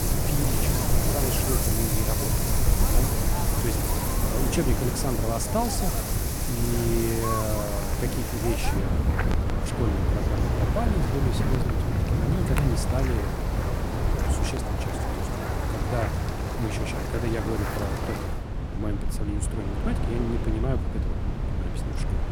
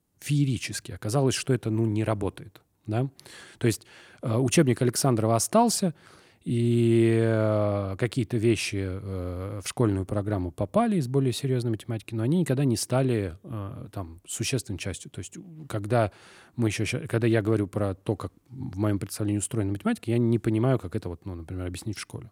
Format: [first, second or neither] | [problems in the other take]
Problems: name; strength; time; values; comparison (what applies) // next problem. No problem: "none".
second | wind in the background; very loud; throughout; 5 dB above the speech